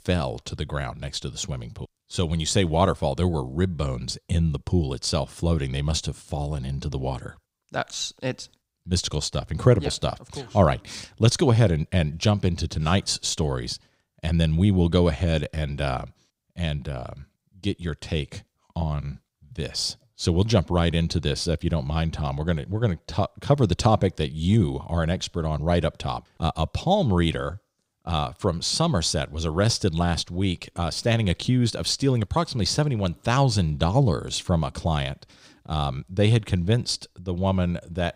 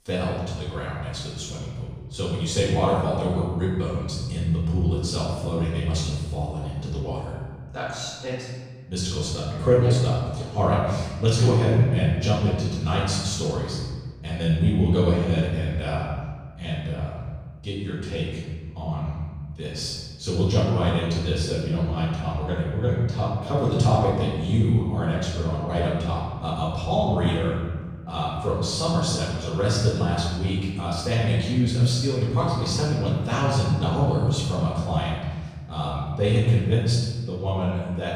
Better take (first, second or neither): first